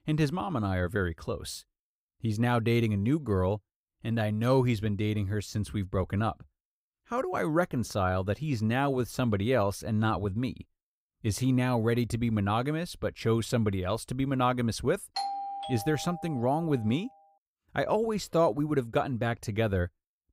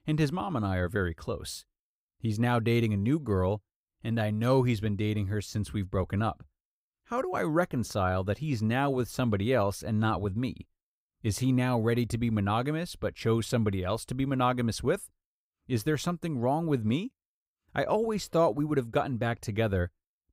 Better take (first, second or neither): second